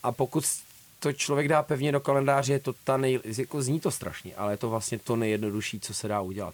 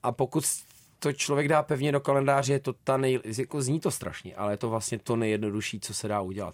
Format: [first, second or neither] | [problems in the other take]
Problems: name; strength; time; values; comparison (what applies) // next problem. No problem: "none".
second | hiss; faint; throughout; 25 dB below the speech